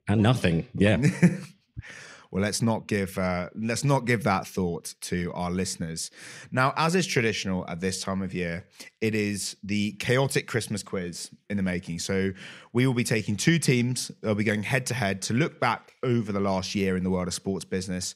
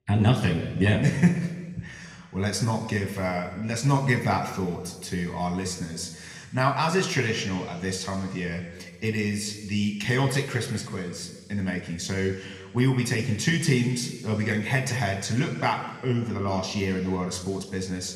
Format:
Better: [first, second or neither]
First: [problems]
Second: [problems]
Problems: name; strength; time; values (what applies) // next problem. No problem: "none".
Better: first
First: none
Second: room echo; slight; dies away in 1.4 s